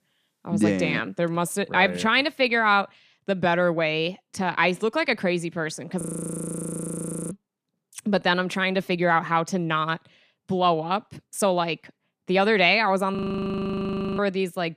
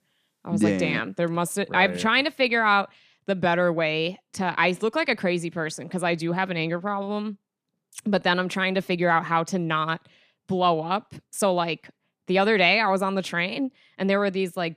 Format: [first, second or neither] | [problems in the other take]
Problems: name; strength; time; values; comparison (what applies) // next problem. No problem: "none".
second | audio freezing; at 6 s for 1.5 s and at 13 s for 1 s